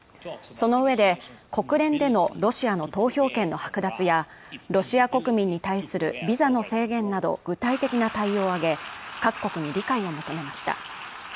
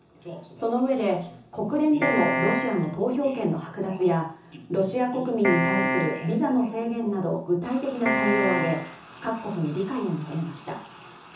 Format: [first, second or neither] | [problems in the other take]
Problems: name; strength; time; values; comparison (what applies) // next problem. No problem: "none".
first | background sound (Piano); as loud as the speech // room echo; dies away in 0.6 s